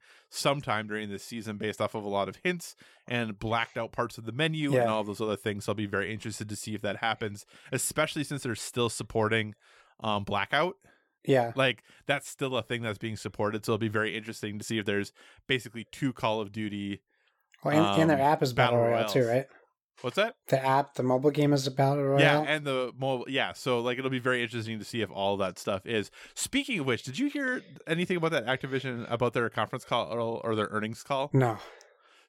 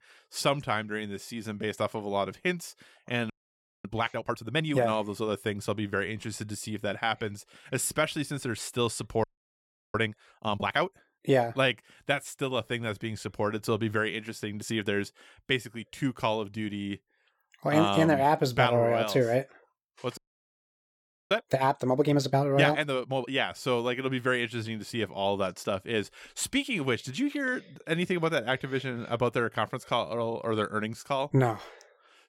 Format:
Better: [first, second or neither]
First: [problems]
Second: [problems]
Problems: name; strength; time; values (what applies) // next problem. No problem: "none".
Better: first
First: none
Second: audio freezing; at 3.5 s for 0.5 s, at 9 s for 0.5 s and at 20 s for 1 s